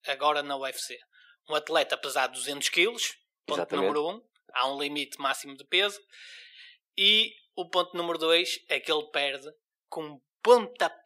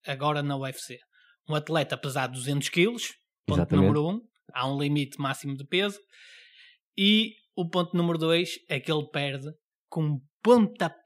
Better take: second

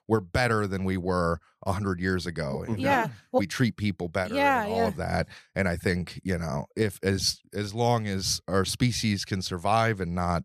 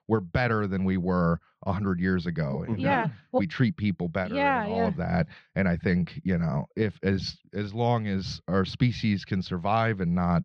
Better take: first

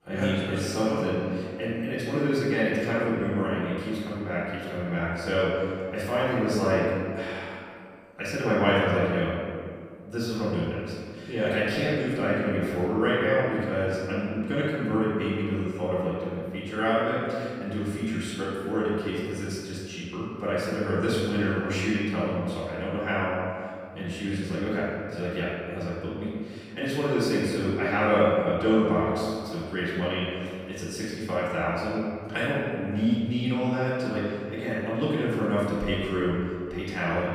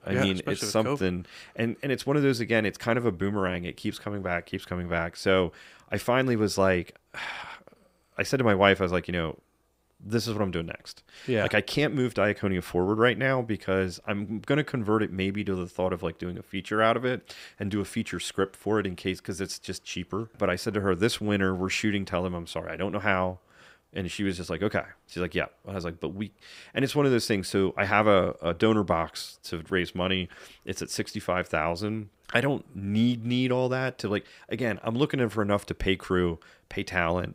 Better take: second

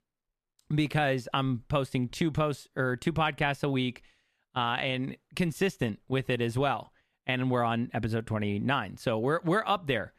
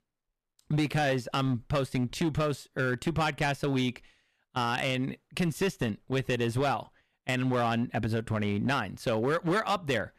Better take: first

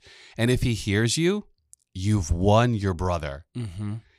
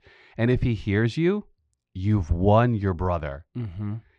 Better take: first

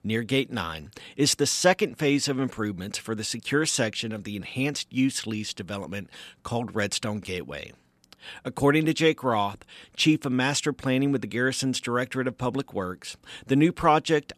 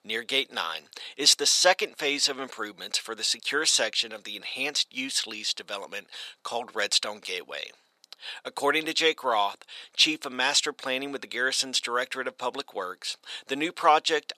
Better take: first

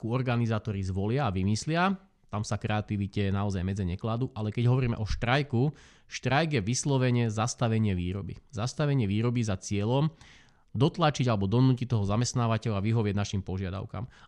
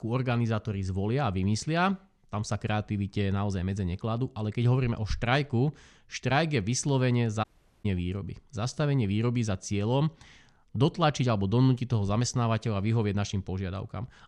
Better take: first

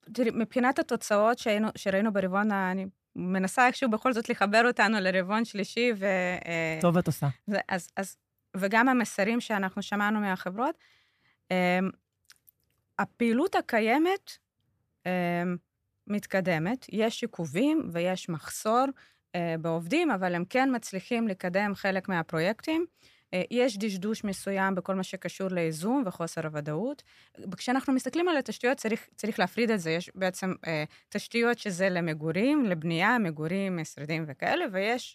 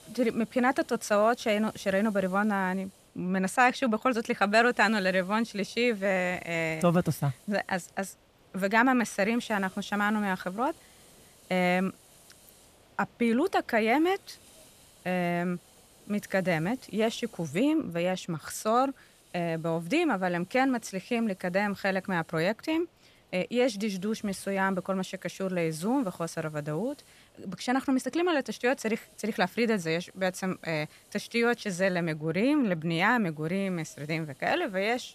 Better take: first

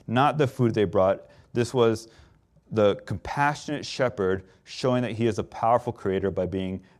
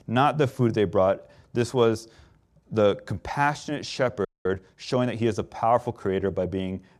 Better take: first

